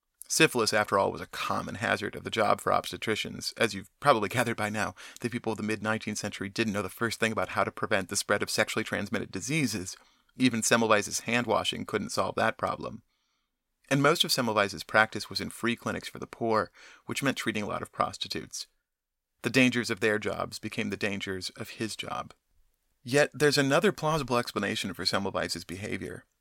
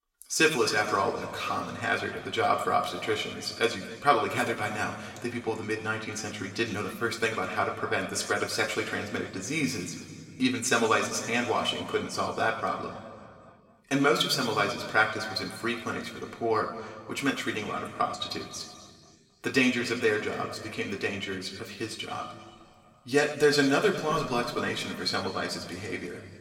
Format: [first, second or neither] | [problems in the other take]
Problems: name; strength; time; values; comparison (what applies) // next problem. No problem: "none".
first | room echo; slight; dies away in 2 s // off-mic speech; somewhat distant